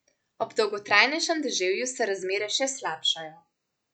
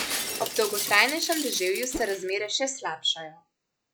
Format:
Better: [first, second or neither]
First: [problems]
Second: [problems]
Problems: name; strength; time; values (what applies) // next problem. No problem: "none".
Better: first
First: none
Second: background sound (Shatter + Whoosh, swoosh, swish); 7 dB below the speech